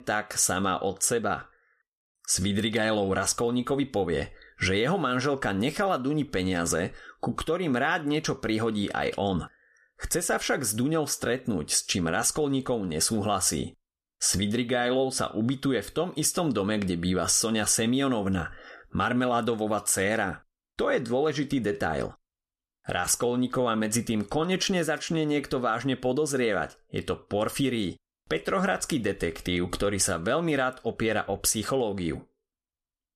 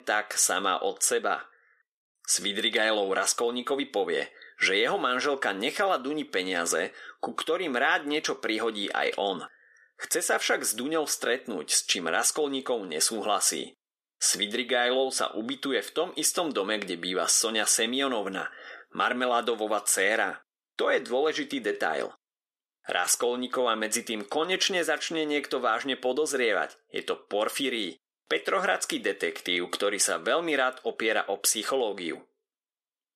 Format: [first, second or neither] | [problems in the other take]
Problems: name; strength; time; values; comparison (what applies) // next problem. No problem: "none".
first | thin; somewhat; fading below 350 Hz